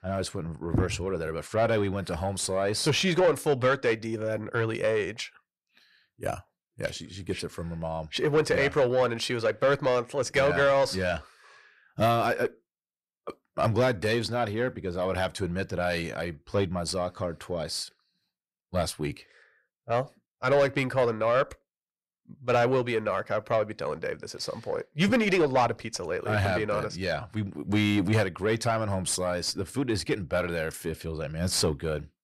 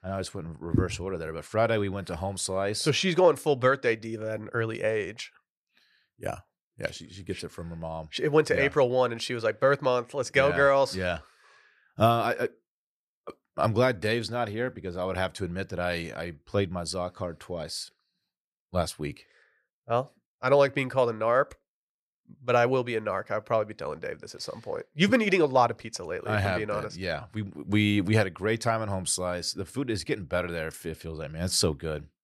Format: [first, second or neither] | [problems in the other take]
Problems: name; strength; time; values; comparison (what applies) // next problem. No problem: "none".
second | distortion; slight; 10 dB below the speech